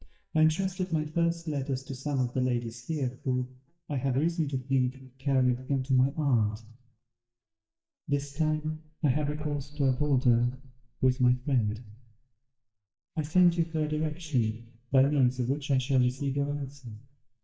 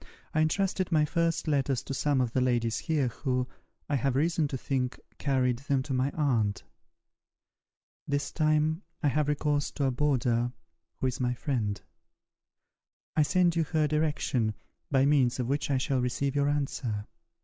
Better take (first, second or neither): second